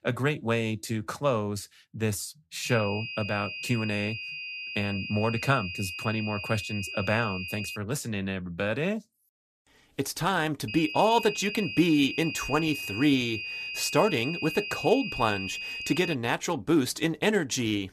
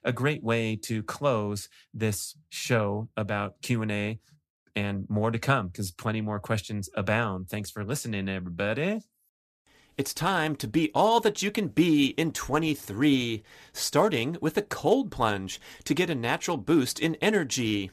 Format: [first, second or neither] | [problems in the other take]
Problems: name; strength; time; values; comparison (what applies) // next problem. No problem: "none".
second | high-pitched whine; loud; from 2.5 to 8 s and from 11 to 16 s; 2.5 kHz, 6 dB below the speech